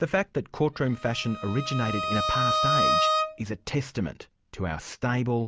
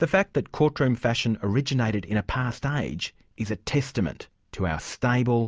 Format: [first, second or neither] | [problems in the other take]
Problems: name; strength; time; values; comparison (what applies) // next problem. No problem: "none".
second | background sound (Bowed string instrument); 1 dB above the speech